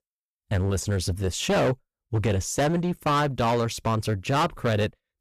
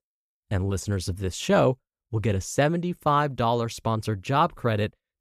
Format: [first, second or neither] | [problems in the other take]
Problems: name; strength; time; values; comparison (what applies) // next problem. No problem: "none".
second | distortion; heavy; 14% of the sound clipped